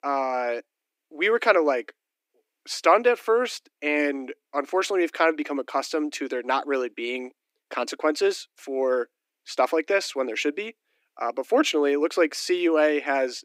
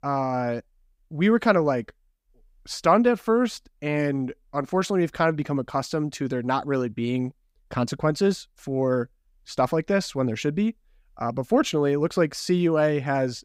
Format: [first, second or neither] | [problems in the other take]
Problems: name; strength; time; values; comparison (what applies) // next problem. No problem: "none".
second | thin; somewhat; fading below 300 Hz